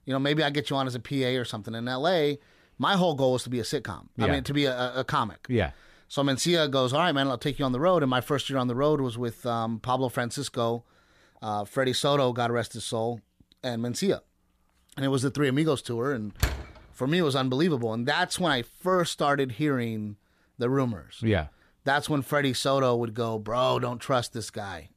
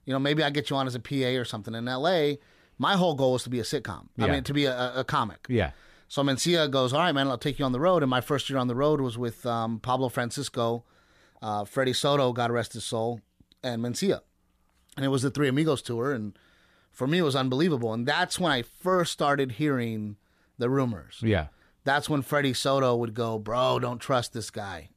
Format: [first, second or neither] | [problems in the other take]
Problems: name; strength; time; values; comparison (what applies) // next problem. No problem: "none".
second | door banging; noticeable; at 16 s; peak 4 dB below the speech